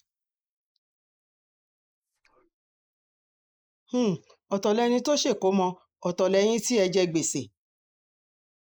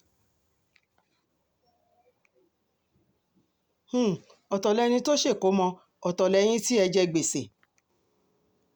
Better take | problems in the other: second | noise reduction (neural mask model Resemble Enhance denoiser)

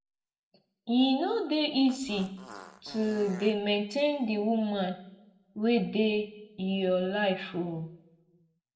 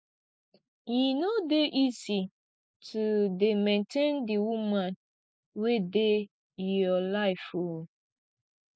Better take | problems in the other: second | background sound (Fart); 18 dB below the speech // room echo; dies away in 0.6 s

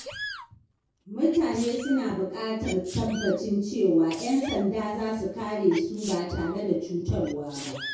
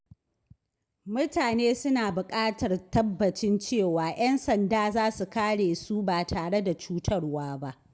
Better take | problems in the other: second | background sound (Sneeze); 15 dB below the speech // room echo; dies away in 0.6 s

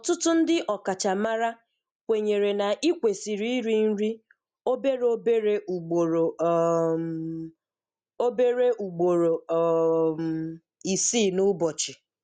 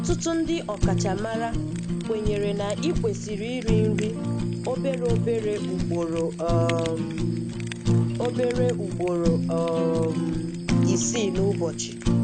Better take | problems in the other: first | background sound (Fire); 2 dB above the speech

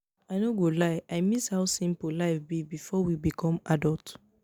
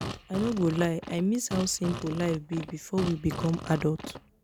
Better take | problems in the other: first | background sound (Fart); 10 dB below the speech

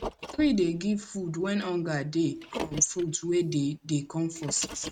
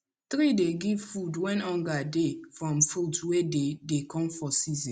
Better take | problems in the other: second | noise reduction (neural mask model RNNoise)

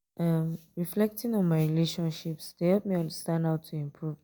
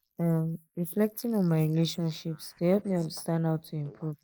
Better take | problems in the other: first | noise reduction (neural mask model Resemble Enhance denoiser)

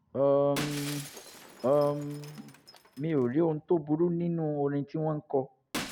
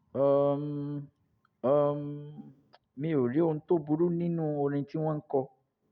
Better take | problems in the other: second | background sound (Shatter); 15 dB below the speech

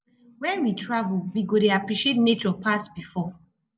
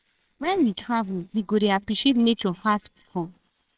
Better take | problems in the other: first | noise reduction (neural separator model SepFormer WHAMR!)

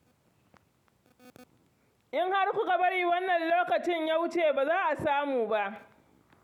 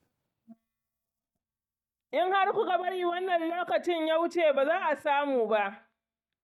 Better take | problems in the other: first | noise reduction (neural mask model DeepFilterNet 3)

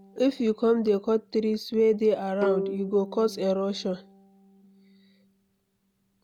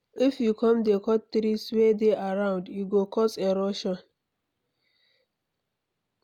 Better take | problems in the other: second | background sound (Bowed string instrument); 11 dB below the speech

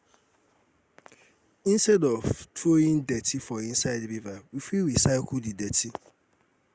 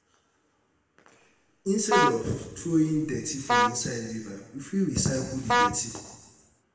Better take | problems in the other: first | background sound (Vehicle horn, car horn, honking); 1 dB above the speech // room echo; dies away in 1.3 s

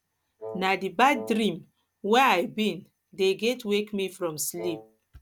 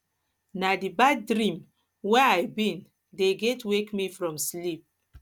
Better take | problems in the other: second | background sound (Wind instrument, woodwind instrument); 14 dB below the speech

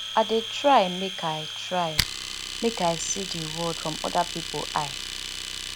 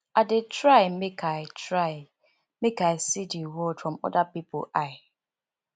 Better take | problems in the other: second | background sound (Domestic sounds, home sounds); 5 dB below the speech

